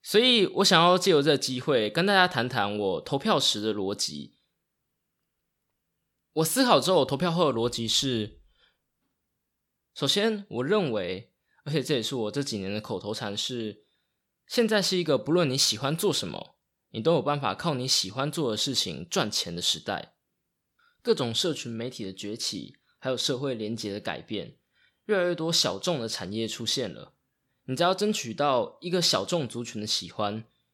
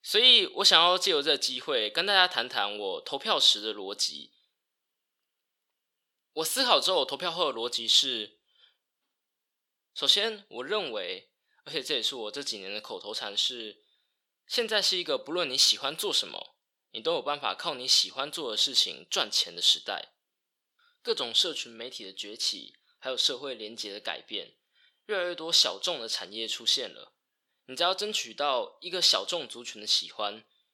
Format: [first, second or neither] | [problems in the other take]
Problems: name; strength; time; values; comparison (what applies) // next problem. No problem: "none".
first | thin; somewhat; fading below 450 Hz